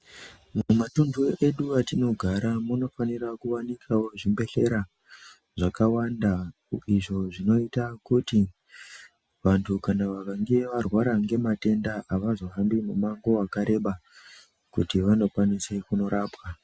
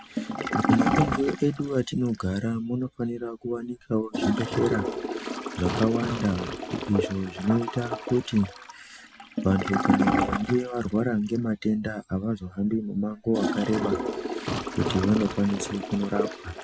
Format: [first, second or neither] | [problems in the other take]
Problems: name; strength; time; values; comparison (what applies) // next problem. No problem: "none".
first | background sound (Toilet flush / Gurgling + Fart); 3 dB below the speech